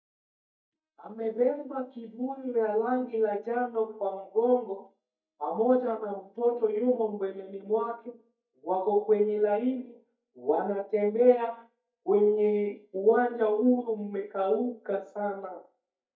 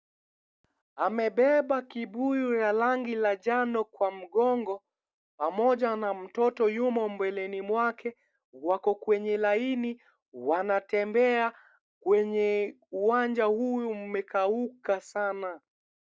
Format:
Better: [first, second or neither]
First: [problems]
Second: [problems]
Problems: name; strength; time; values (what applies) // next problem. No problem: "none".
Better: second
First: noise reduction (neural mask model DeepFilterNet 3)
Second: none